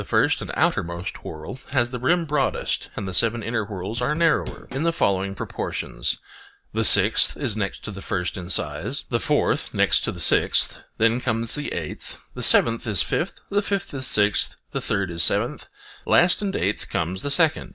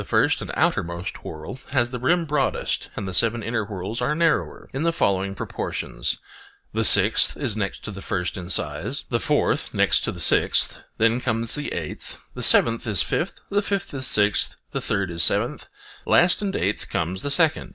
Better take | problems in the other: second | background sound (Drum / Drum kit); 11 dB below the speech

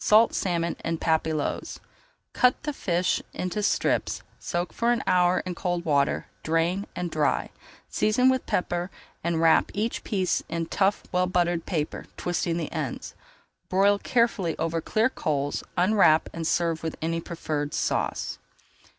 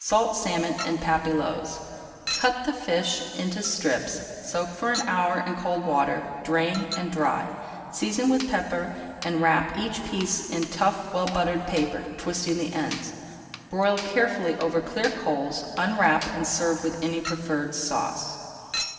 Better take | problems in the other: first | background sound (Chink, clink); 15 dB below the speech // room echo; dies away in 2.7 s

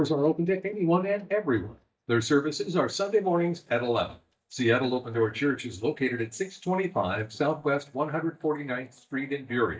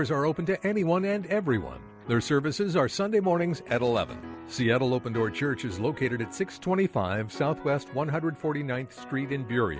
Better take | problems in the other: second | noise reduction (neural mask model DeepFilterNet 3)

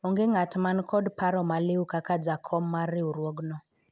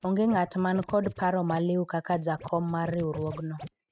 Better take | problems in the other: first | noise reduction (neural mask model RNNoise)

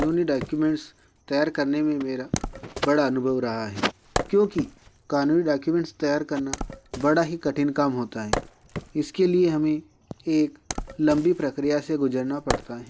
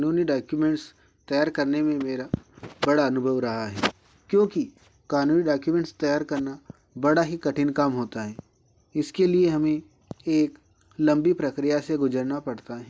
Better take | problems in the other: second | background sound (Wood); 12 dB below the speech

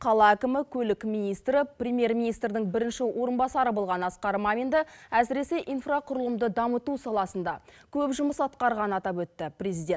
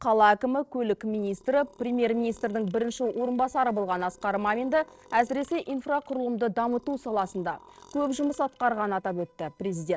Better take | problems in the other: first | noise reduction (neural separator model SepFormer DNS4)

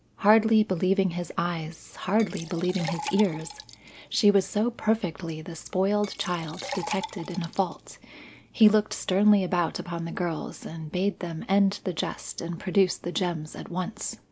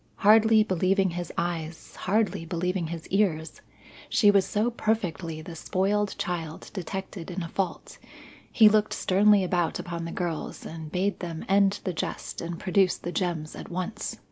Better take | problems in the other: second | background sound (Liquid); 14 dB below the speech

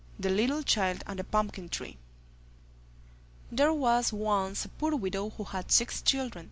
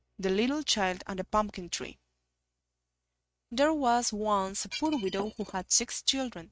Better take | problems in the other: first | noise reduction (neural mask model RNNoise)

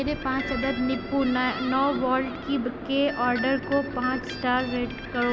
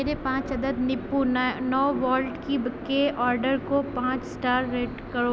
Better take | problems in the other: second | background sound (Guitar); 12 dB below the speech

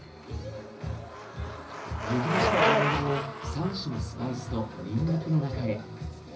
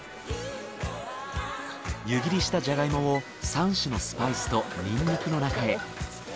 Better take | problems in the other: second | background sound (Bicycle); 1 dB below the speech // room echo; dies away in 0.4 s

